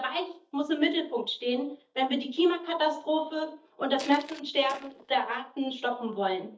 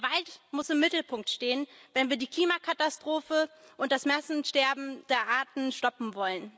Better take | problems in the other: second | noise reduction (neural mask model DeepFilterNet 3)

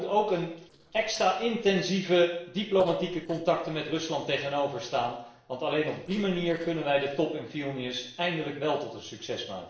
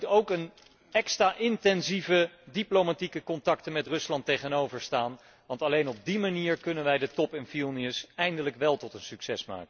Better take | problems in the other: second | noise reduction (neural separator model SepFormer DNS4)

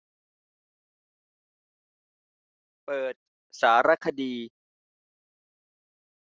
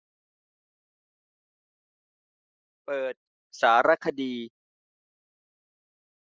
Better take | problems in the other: first | noise reduction (neural mask model Resemble Enhance denoiser)

